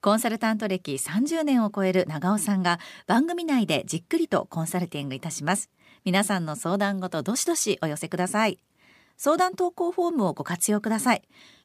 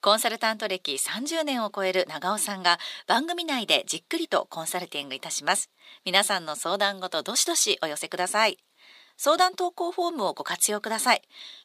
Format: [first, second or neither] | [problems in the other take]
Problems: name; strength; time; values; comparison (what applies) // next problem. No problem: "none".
first | thin; somewhat; fading below 500 Hz